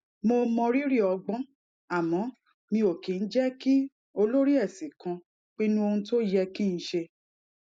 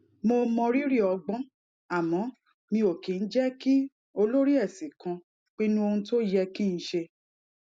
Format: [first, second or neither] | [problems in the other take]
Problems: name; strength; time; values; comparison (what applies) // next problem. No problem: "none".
second | noise reduction (neural mask model Resemble Enhance denoiser)